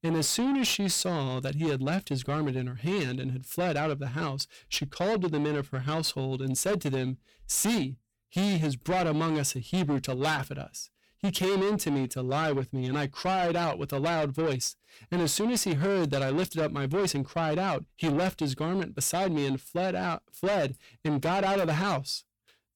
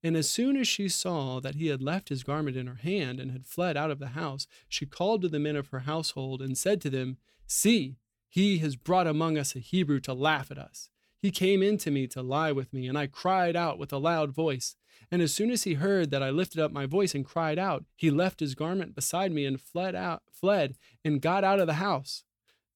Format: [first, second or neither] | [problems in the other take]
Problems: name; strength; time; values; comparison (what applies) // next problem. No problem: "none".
second | distortion; heavy; 8 dB below the speech